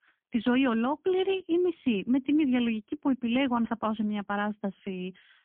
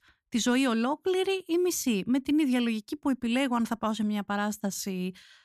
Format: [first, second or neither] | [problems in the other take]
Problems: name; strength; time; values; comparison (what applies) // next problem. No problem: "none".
second | phone-call audio; poor line; nothing above 3 kHz